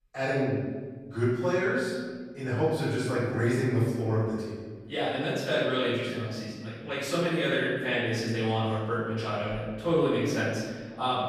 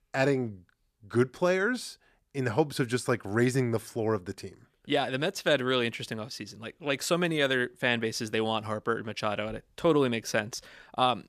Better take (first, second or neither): second